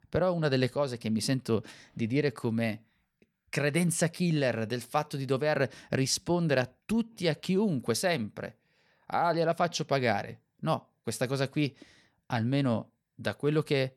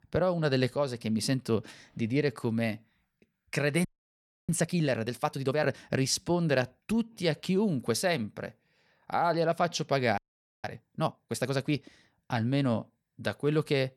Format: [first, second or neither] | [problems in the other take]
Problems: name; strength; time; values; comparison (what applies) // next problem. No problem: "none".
first | audio freezing; at 4 s for 0.5 s and at 10 s